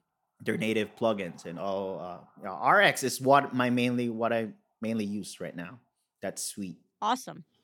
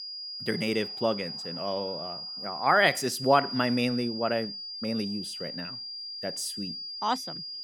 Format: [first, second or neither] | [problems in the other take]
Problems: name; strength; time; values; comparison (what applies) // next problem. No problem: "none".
first | high-pitched whine; loud; throughout; 5 kHz, 7 dB below the speech